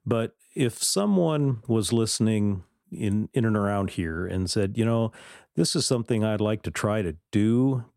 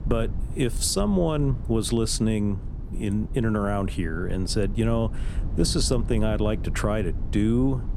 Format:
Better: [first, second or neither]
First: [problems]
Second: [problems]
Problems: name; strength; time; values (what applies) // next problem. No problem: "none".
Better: first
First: none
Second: low rumble; noticeable; throughout; 20 dB below the speech